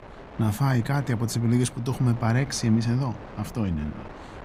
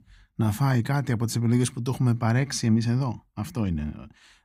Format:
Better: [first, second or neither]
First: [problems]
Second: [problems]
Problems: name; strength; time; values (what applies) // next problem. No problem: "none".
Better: second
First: wind noise on the microphone; occasional gusts; 10 dB below the speech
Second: none